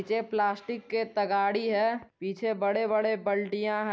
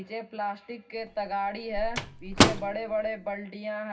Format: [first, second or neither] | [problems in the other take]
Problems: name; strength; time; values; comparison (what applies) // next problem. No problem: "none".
first | background sound (Microwave oven); 3 dB above the speech // room echo; dies away in 0.4 s